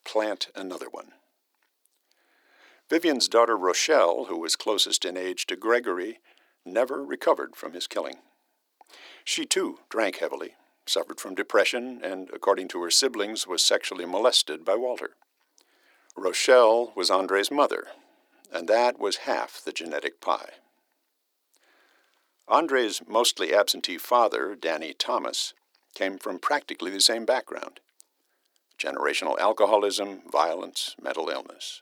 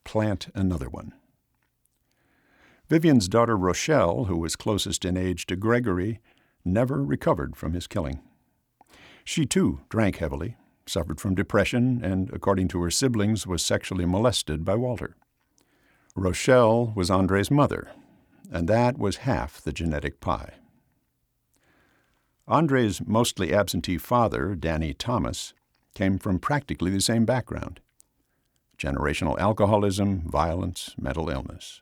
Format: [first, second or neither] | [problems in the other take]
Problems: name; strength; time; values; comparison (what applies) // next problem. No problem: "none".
second | thin; very; fading below 350 Hz